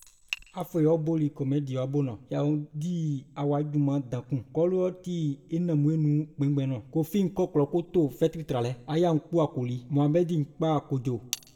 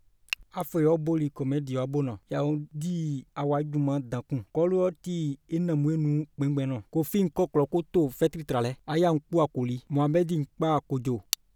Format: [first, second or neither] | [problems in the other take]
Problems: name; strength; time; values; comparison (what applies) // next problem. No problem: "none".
second | room echo; dies away in 0.6 s